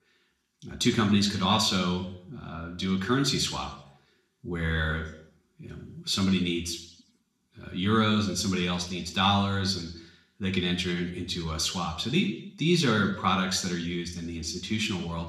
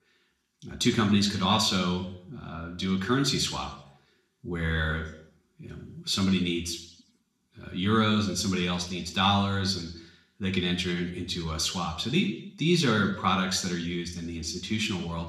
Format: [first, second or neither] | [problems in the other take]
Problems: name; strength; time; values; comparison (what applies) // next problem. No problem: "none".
neither | room echo; slight; dies away in 0.7 s; the same in both // off-mic speech; somewhat distant; the same in both